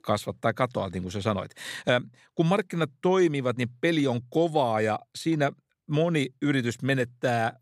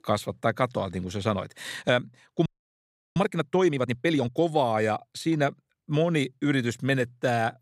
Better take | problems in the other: first | audio freezing; at 2.5 s for 0.5 s

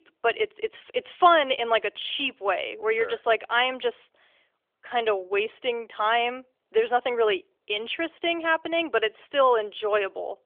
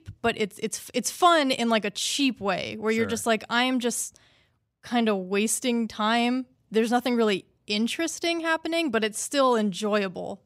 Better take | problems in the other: second | phone-call audio; nothing above 3.5 kHz

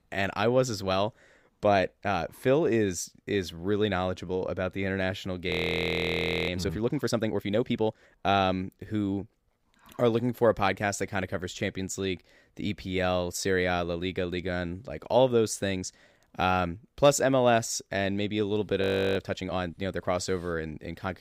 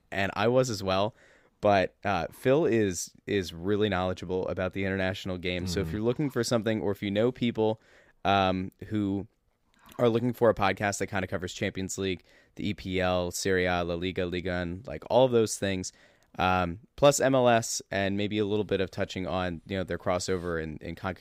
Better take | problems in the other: second | audio freezing; at 5.5 s for 1 s and at 19 s

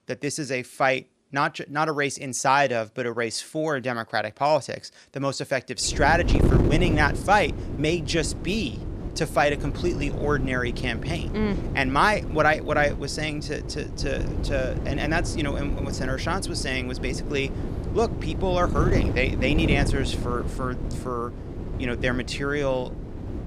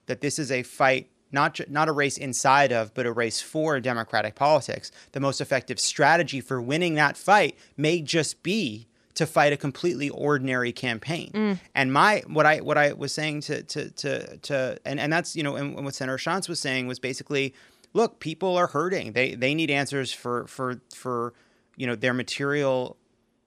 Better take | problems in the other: second | wind noise on the microphone; occasional gusts; from 6 s on; 10 dB below the speech

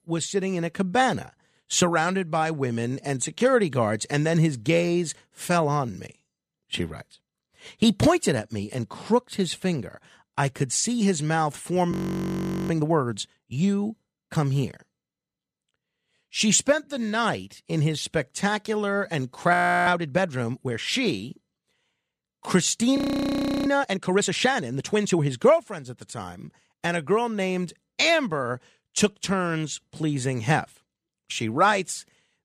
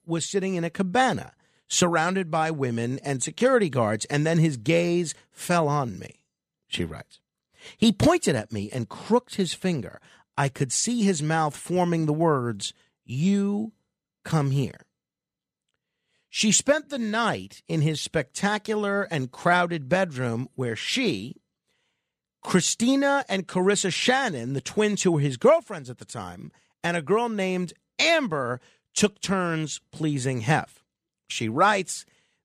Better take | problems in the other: second | audio freezing; at 12 s for 1 s, at 20 s and at 23 s for 0.5 s

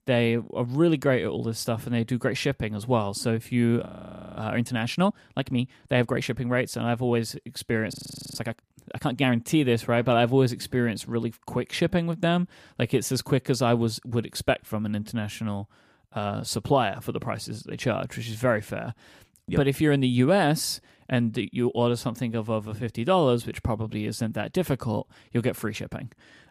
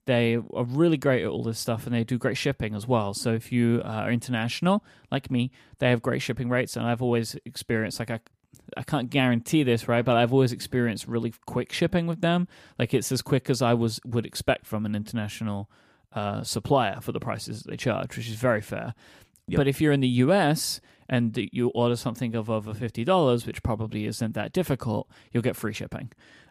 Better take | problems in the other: second | audio freezing; at 4 s for 0.5 s and at 8 s

